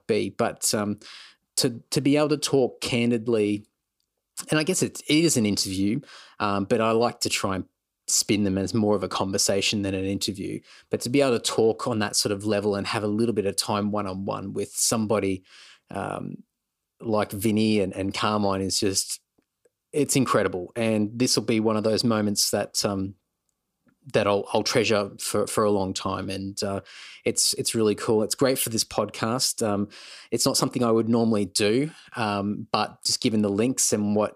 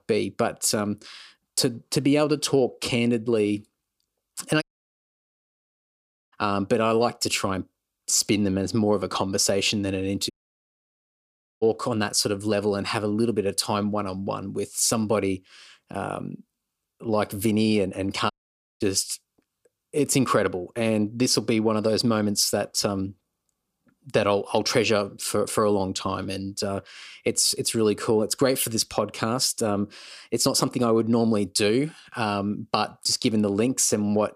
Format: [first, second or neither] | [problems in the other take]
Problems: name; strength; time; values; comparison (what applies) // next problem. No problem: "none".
first | audio cutting out; at 4.5 s for 1.5 s, at 10 s for 1.5 s and at 18 s for 0.5 s